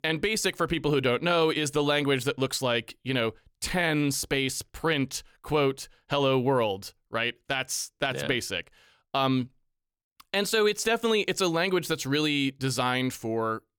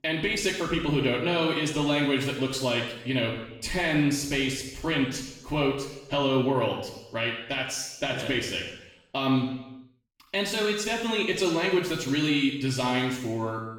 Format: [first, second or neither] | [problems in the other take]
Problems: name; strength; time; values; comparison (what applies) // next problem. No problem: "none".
first | room echo; noticeable; dies away in 0.9 s // off-mic speech; far